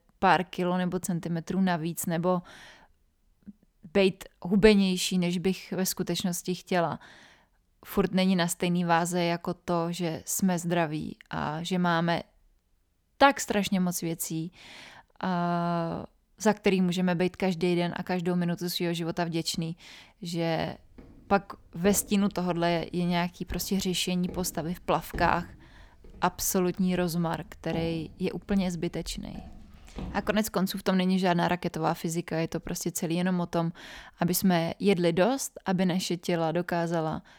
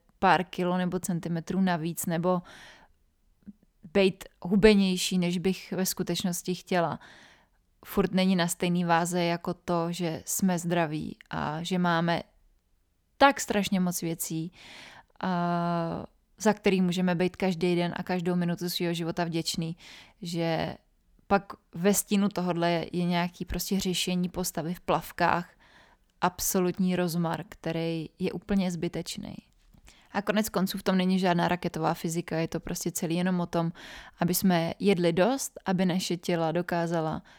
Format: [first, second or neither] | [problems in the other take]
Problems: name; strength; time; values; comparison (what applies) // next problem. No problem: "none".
second | footsteps; faint; from 21 to 30 s; peak 10 dB below the speech